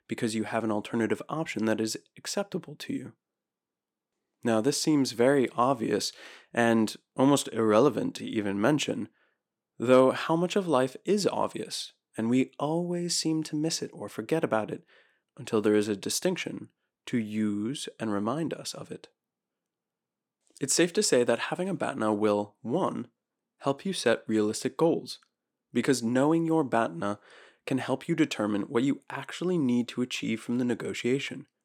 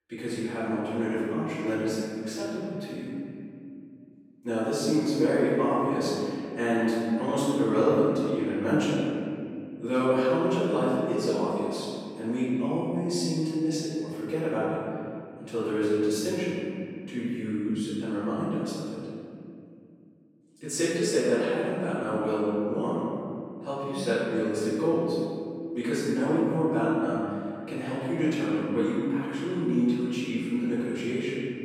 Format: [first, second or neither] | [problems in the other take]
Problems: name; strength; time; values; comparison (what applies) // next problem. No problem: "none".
first | room echo; strong; dies away in 2.4 s // off-mic speech; far